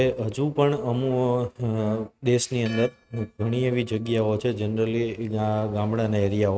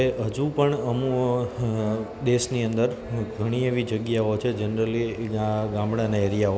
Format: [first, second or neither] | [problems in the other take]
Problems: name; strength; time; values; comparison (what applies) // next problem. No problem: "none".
second | noise reduction (neural mask model RNNoise)